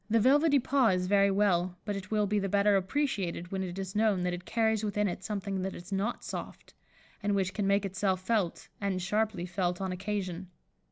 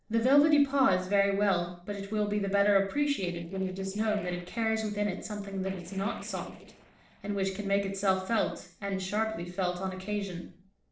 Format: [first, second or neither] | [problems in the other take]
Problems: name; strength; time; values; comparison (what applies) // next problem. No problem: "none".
first | noise reduction (neural separator model SepFormer DNS4)